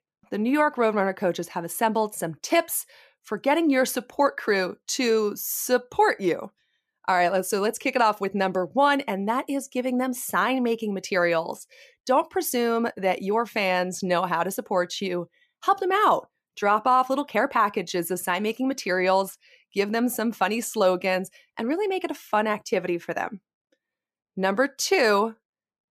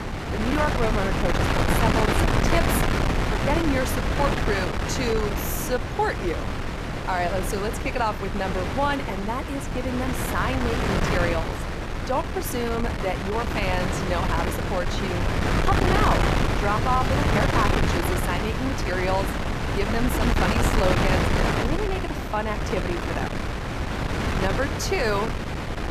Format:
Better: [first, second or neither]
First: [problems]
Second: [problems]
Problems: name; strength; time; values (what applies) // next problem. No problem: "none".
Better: first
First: none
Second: wind noise on the microphone; heavy; as loud as the speech